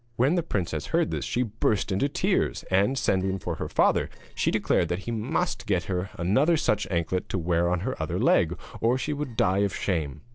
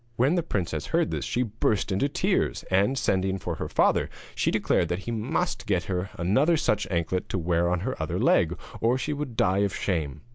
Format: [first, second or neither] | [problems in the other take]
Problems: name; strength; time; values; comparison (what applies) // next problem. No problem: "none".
second | noise reduction (neural separator model SepFormer DNS4)